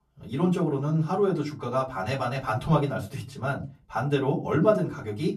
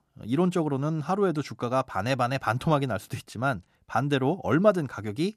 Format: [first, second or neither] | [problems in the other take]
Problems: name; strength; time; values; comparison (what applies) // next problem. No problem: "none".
second | off-mic speech; far // room echo; very slight; dies away in 0.3 s